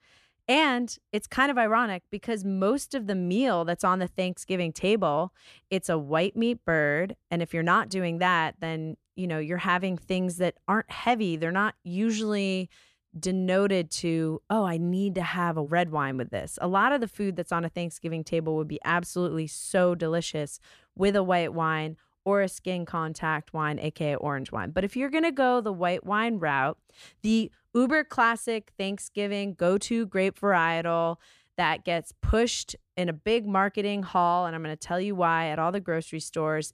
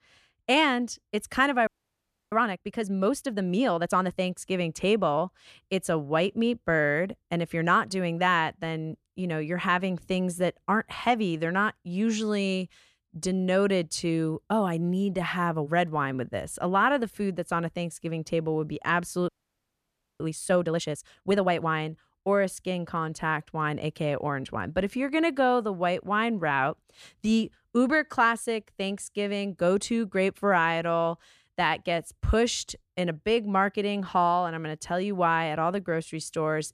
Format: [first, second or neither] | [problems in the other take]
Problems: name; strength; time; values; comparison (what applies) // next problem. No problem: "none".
first | audio freezing; at 1.5 s for 0.5 s and at 19 s for 1 s